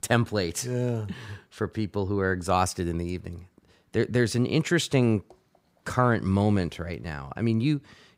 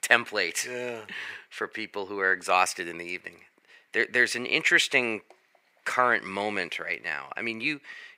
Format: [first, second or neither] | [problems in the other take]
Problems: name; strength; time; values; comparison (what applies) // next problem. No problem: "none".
first | thin; very; fading below 500 Hz